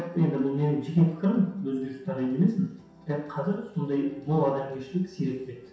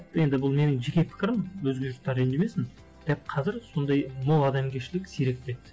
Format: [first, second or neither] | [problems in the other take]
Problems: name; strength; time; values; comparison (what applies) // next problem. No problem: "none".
second | room echo; dies away in 0.7 s